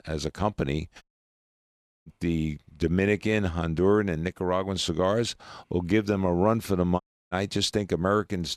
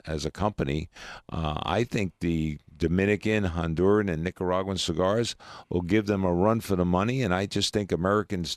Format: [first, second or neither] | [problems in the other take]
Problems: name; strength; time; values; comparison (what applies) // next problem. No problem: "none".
second | audio cutting out; at 1 s for 1 s and at 7 s